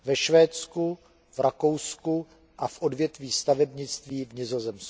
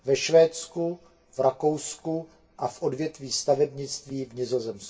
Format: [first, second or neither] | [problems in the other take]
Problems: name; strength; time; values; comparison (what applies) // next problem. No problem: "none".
first | room echo; dies away in 0.2 s